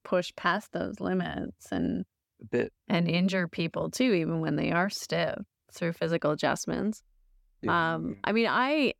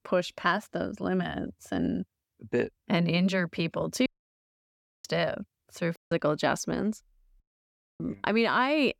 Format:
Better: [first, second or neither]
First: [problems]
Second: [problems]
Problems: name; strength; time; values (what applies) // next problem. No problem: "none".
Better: first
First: none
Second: audio cutting out; at 4 s for 1 s, at 6 s and at 7.5 s for 0.5 s